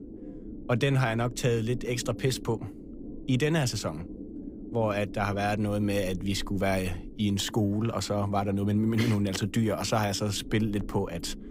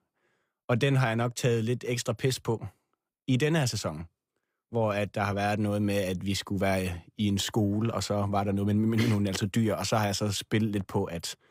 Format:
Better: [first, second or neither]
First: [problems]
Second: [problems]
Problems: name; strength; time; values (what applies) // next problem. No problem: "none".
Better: second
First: low rumble; noticeable; throughout; 15 dB below the speech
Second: none